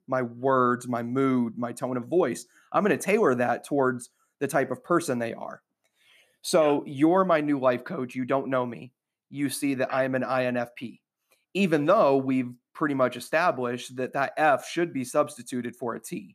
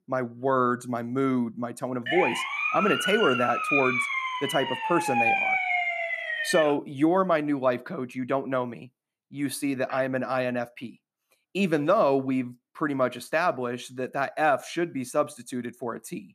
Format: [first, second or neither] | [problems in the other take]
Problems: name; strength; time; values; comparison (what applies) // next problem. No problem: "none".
first | siren; loud; from 2 to 6.5 s; peak 5 dB above the speech